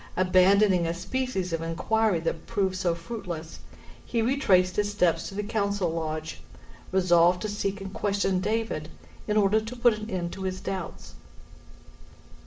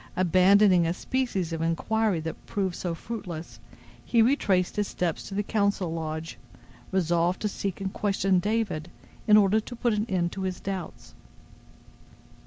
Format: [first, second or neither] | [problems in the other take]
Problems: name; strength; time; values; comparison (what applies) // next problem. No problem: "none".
second | room echo; dies away in 0.4 s